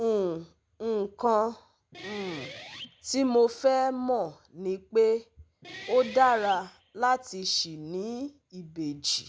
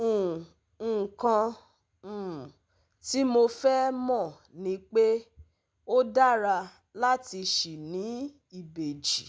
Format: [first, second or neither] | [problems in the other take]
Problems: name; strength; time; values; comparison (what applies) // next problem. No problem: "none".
second | background sound (Guitar); 17 dB below the speech